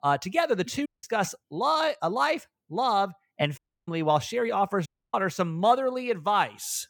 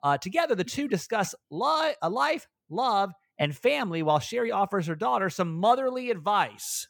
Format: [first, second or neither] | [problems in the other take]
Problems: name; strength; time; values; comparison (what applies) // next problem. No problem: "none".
second | audio cutting out; at 1 s, at 3.5 s and at 5 s